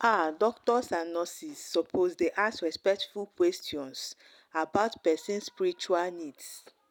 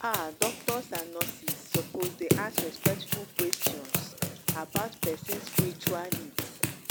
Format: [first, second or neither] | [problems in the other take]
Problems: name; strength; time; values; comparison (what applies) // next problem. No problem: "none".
first | background sound (Run); 5 dB above the speech